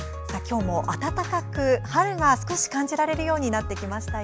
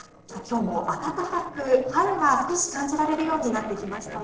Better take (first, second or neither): first